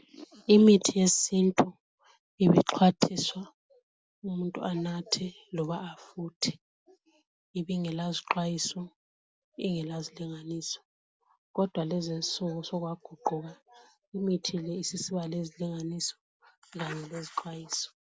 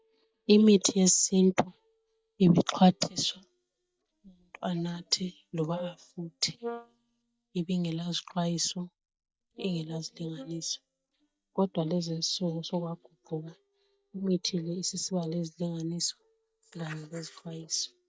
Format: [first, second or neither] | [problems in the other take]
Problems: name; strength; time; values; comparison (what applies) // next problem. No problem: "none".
first | noise reduction (neural mask model DeepFilterNet 3)